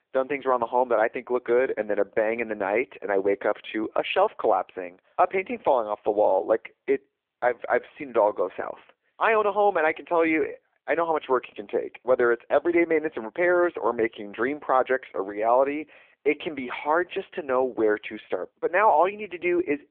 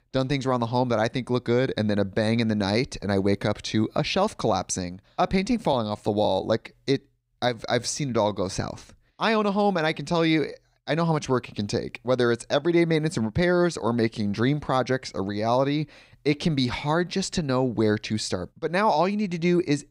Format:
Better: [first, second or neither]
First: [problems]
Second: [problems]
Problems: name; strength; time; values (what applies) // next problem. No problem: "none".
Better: second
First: phone-call audio; poor line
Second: none